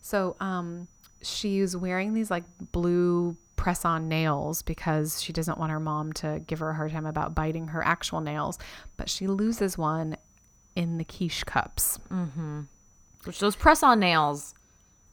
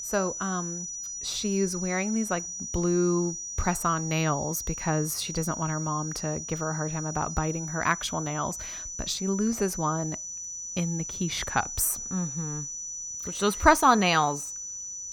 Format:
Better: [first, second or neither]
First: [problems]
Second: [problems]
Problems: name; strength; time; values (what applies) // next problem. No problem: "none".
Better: first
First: high-pitched whine; faint; throughout; 6 kHz, 35 dB below the speech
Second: high-pitched whine; loud; throughout; 6 kHz, 6 dB below the speech